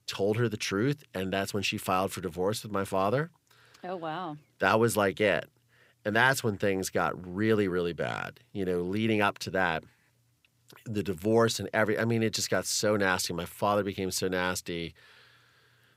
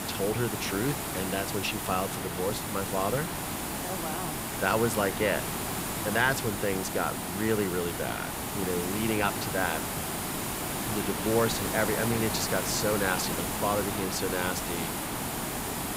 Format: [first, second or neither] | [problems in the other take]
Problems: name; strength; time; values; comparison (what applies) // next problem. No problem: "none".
first | hiss; loud; throughout; 1 dB below the speech